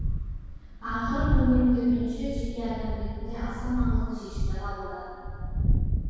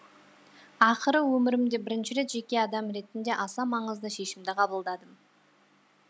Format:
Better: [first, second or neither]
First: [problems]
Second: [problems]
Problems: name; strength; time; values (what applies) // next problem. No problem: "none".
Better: second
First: background sound (Wind); 2 dB above the speech // room echo; dies away in 2 s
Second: none